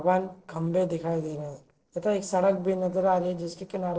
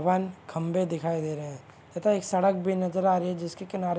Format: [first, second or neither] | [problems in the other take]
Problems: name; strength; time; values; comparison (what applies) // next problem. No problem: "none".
second | noise reduction (neural separator model SepFormer DNS4)